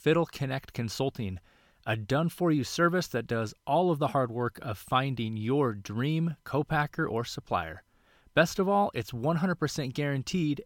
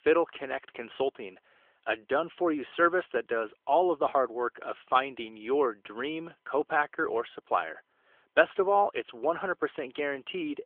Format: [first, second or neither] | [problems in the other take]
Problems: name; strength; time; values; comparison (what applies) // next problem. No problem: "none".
first | phone-call audio; nothing above 3.5 kHz